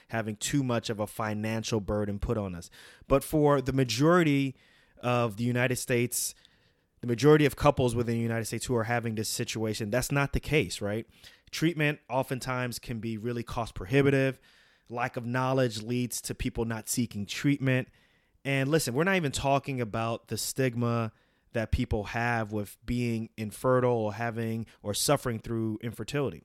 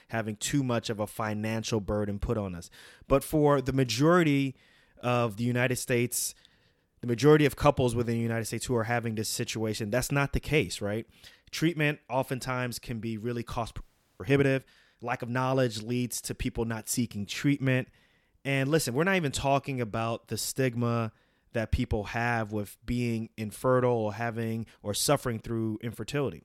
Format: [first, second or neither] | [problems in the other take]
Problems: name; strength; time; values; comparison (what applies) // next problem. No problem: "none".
first | audio freezing; at 14 s